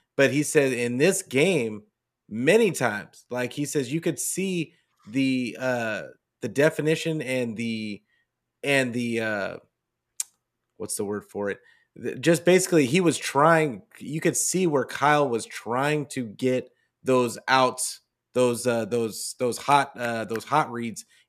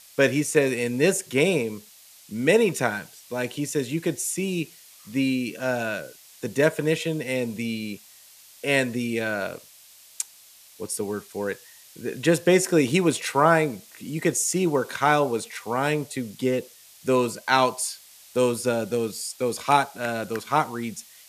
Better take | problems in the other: first | hiss; faint; throughout; 20 dB below the speech

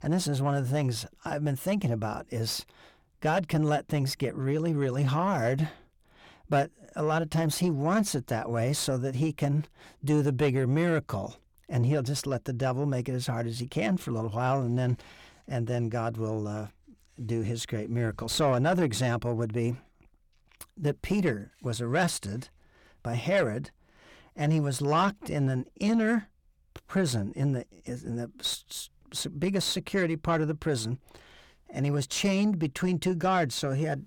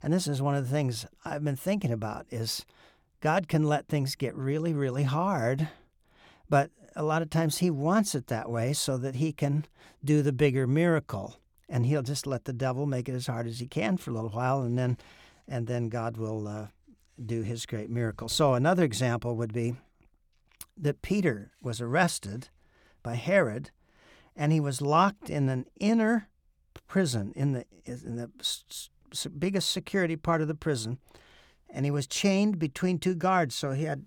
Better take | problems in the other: second | distortion; slight; 10 dB below the speech

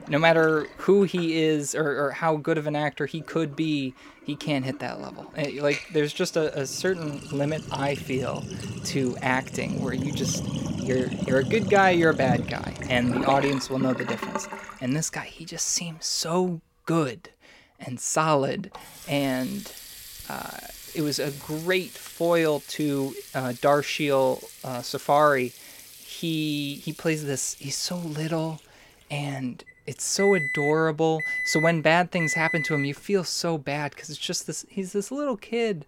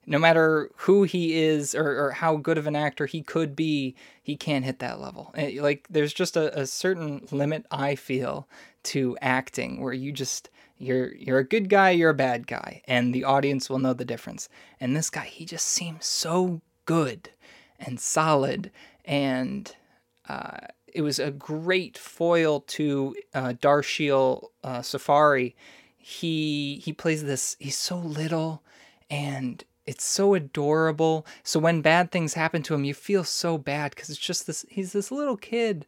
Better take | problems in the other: second | household noises; loud; throughout; 8 dB below the speech

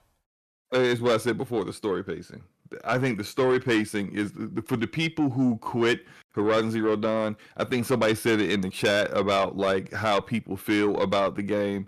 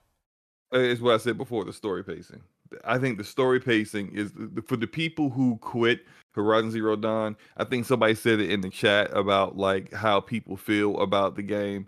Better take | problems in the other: second | distortion; slight; 10 dB below the speech

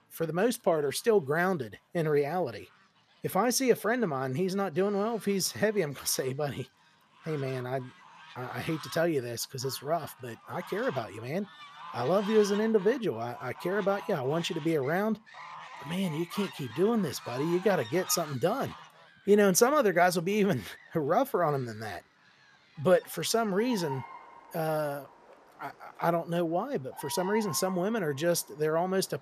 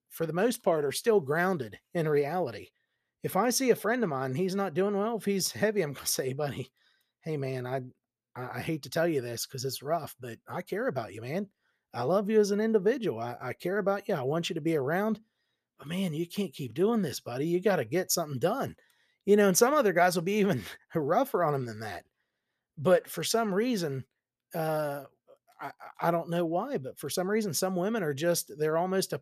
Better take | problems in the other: second | animal sounds; noticeable; throughout; 15 dB below the speech

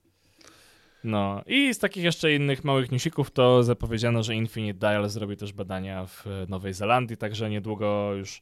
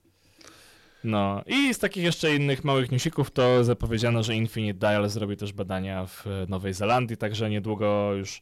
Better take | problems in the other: first | distortion; slight; 10 dB below the speech

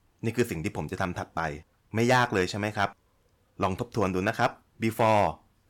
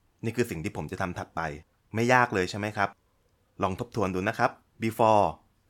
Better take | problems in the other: second | distortion; slight; 1.5% of the sound clipped

